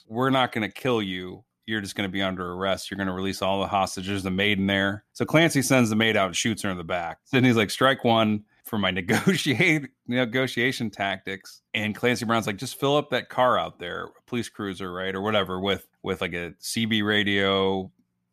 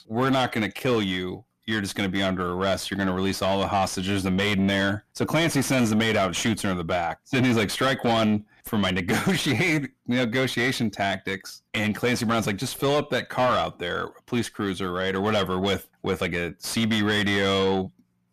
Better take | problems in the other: first | distortion; heavy; 7 dB below the speech

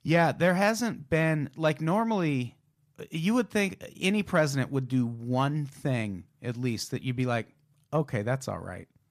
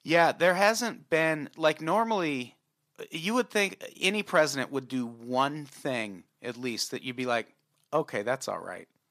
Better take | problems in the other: first | thin; somewhat; fading below 350 Hz

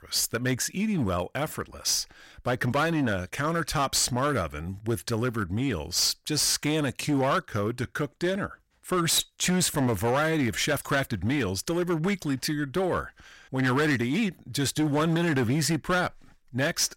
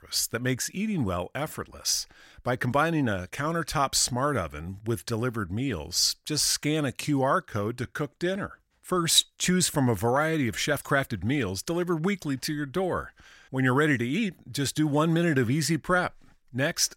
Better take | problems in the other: second | distortion; slight; 10% of the sound clipped

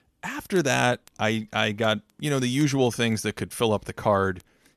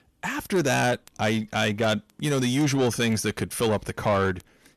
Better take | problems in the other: first | distortion; slight; 10 dB below the speech

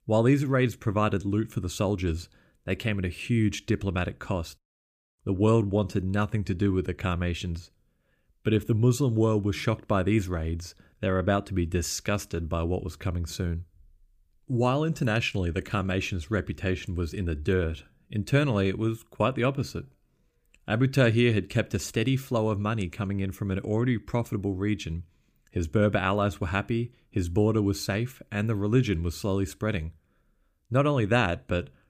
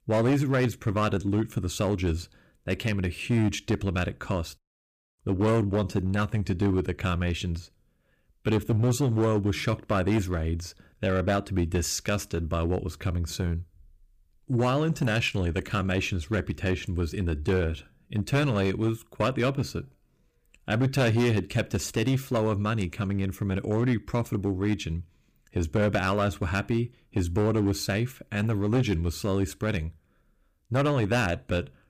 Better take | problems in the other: first | distortion; slight; 7% of the sound clipped

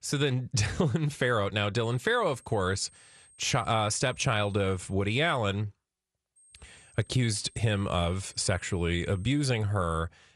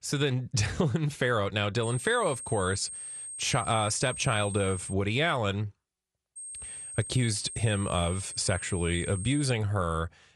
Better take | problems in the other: first | high-pitched whine; loud; from 2 to 5 s and from 6.5 to 9.5 s; 8.5 kHz, 9 dB below the speech; faint in the first

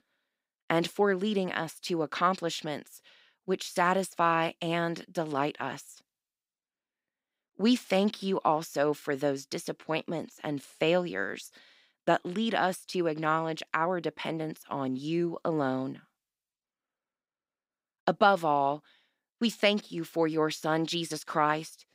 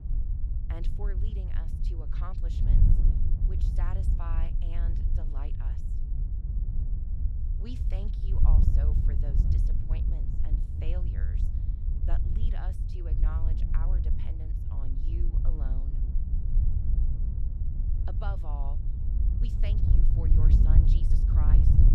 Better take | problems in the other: first | wind noise on the microphone; heavy; 1 dB above the speech

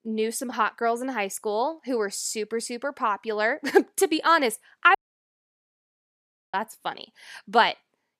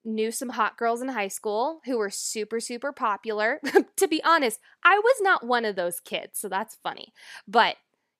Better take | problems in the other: second | audio cutting out; at 5 s for 1.5 s

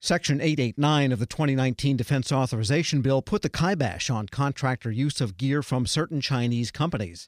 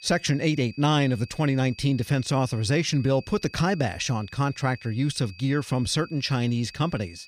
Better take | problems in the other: first | high-pitched whine; faint; throughout; 2.5 kHz, 20 dB below the speech

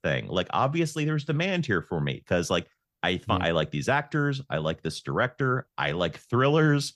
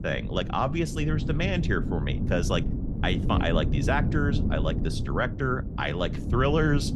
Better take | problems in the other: first | wind noise on the microphone; occasional gusts; 10 dB below the speech

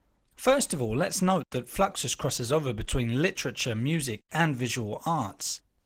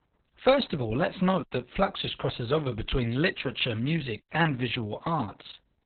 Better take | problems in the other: first | garbled, watery; badly; nothing above 4 kHz; slightly in the first

